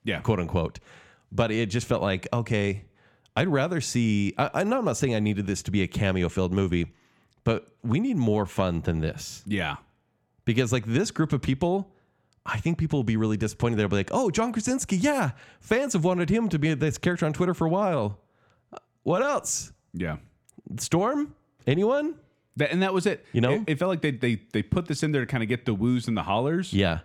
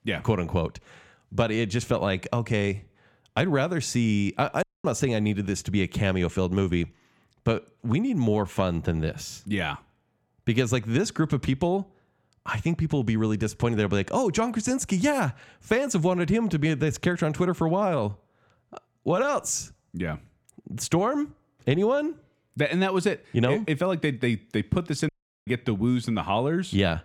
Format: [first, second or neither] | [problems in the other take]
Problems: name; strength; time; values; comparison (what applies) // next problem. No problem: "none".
first | audio cutting out; at 4.5 s and at 25 s